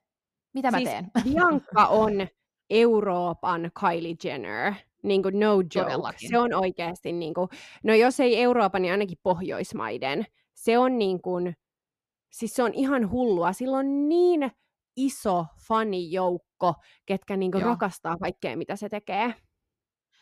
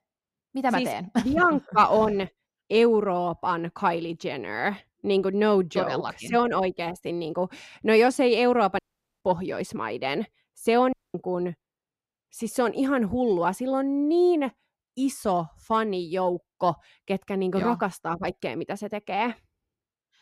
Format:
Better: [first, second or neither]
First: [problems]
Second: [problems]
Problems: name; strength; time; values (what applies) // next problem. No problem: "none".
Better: first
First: none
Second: audio cutting out; at 9 s and at 11 s